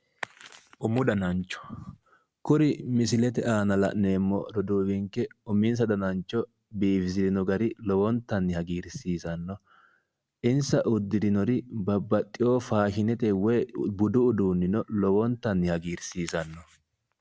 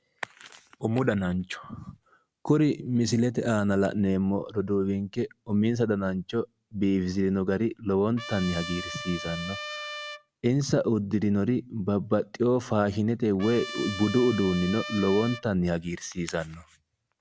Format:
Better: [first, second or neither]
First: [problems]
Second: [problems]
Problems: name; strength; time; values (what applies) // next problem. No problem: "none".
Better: first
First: none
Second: background sound (Trumpet); 11 dB below the speech